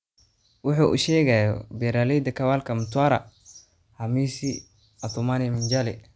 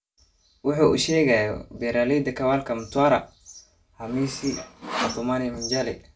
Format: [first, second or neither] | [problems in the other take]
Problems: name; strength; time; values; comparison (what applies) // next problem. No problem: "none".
first | background sound (Sawing); 10 dB below the speech // room echo; dies away in 0.2 s